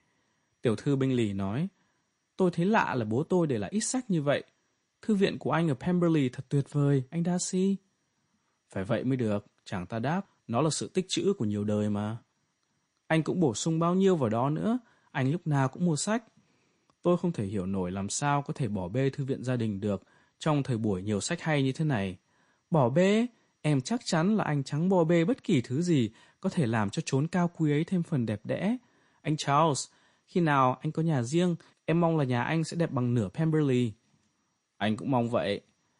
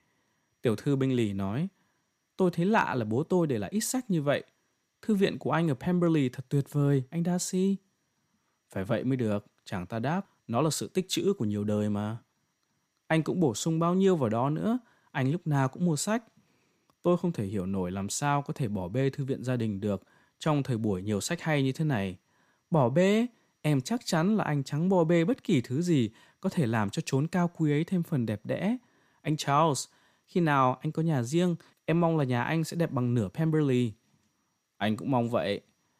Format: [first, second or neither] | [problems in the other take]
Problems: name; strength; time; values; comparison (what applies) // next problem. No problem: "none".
second | garbled, watery; slightly; nothing above 9 kHz